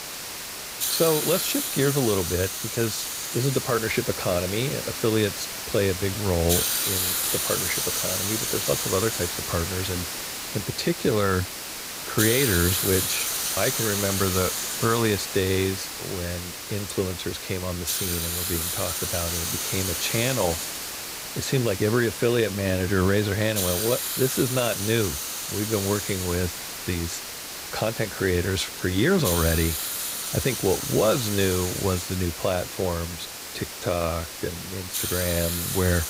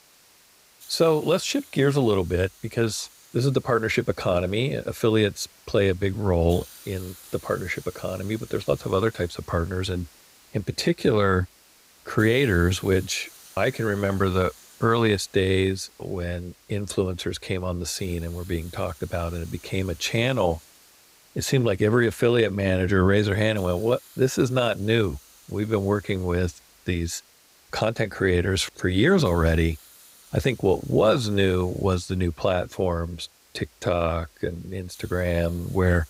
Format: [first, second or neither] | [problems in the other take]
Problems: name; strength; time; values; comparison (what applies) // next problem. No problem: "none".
second | hiss; loud; throughout; 1 dB below the speech; faint in the second